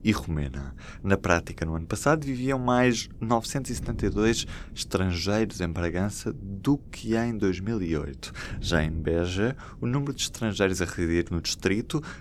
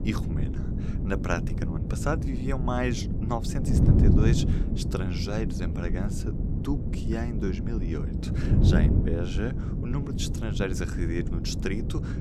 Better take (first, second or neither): first